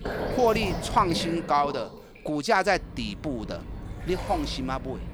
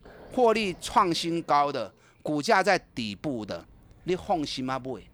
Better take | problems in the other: second | rain or running water; loud; throughout; 8 dB below the speech; faint in the second

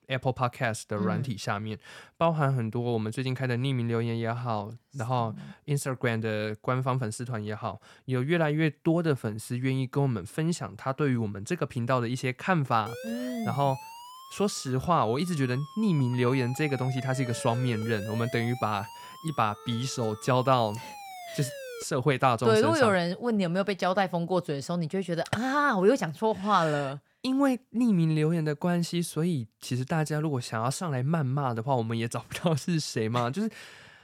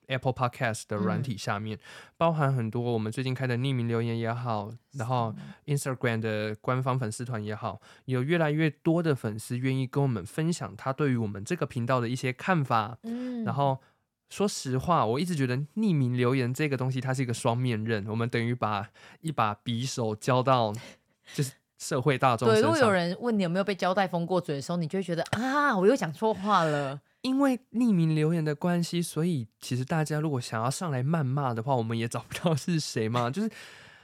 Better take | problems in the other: second | siren; faint; from 13 to 22 s; peak 10 dB below the speech

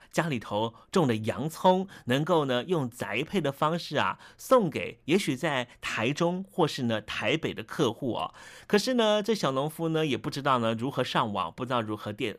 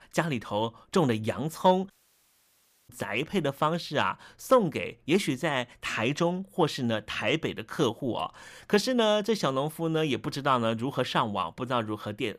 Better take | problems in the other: first | audio cutting out; at 2 s for 1 s

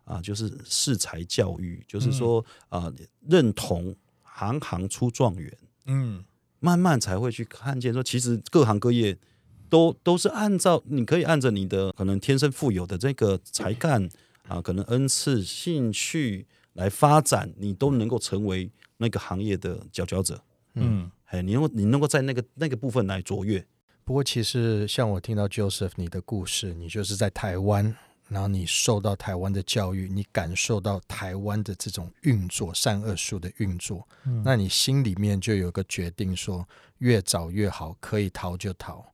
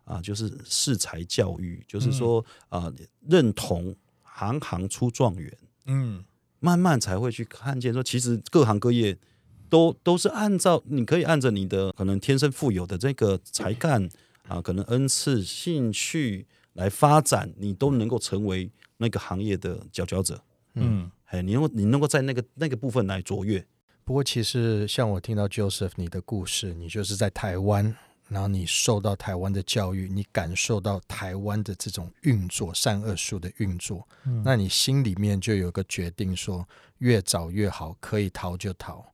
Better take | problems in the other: neither | none

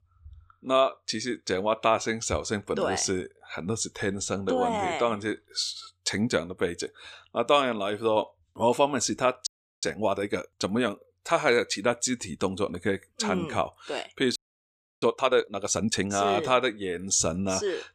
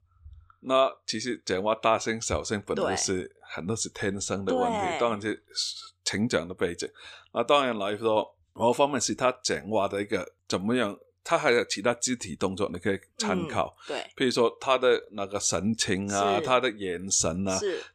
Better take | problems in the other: second | audio freezing; at 9.5 s and at 14 s for 0.5 s

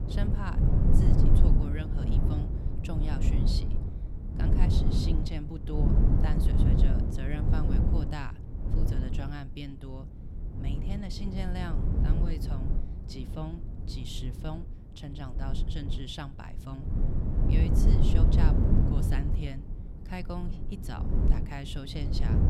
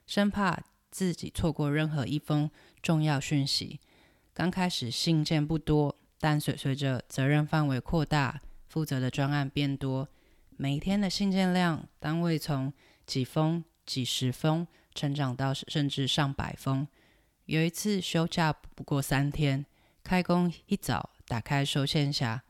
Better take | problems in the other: second | wind noise on the microphone; heavy; 2 dB above the speech

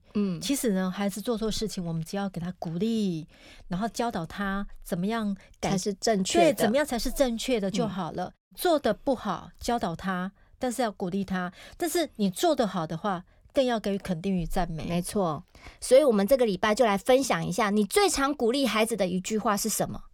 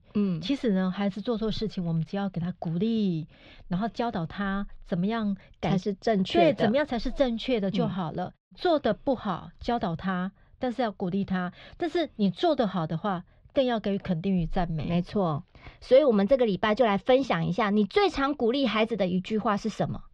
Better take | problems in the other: first | muffled; slightly; fading above 4 kHz

